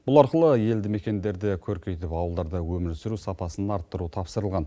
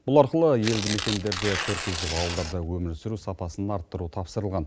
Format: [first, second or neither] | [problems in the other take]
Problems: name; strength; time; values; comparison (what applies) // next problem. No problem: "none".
first | background sound (Tearing); 6 dB below the speech